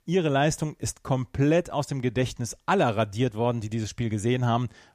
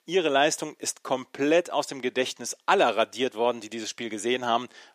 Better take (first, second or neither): first